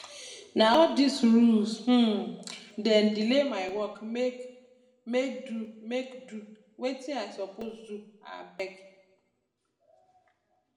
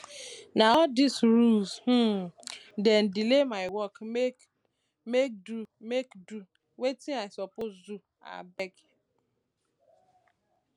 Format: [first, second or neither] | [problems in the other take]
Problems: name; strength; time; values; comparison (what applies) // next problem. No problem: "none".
second | room echo; dies away in 0.8 s